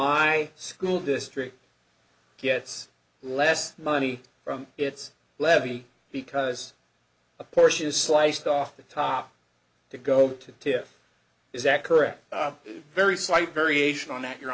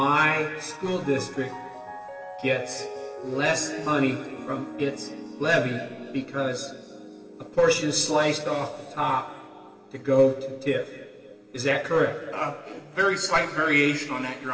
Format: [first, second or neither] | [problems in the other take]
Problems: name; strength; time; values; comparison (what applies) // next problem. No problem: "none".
first | background sound (Piano); 16 dB below the speech // room echo; dies away in 2.3 s